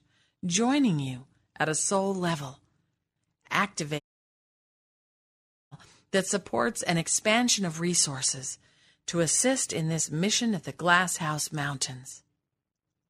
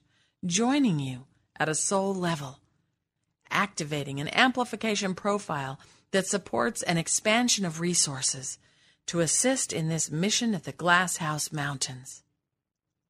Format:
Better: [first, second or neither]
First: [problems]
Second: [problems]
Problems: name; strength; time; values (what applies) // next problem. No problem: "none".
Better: second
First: audio cutting out; at 4 s for 1.5 s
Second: none